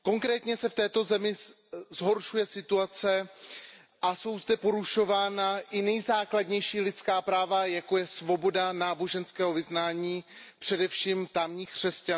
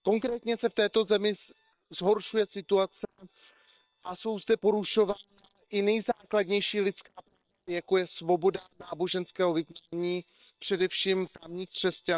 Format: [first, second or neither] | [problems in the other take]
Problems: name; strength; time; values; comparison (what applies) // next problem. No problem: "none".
first | noise reduction (neural separator model SepFormer WHAM!)